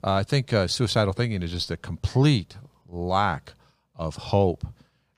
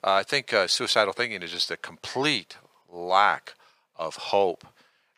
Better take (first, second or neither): first